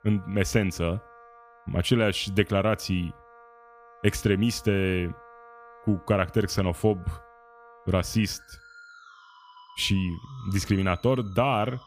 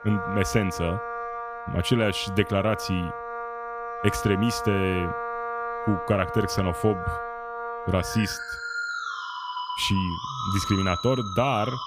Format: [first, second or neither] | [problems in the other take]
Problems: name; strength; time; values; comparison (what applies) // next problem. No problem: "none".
first | background music; loud; throughout; 6 dB below the speech; faint in the first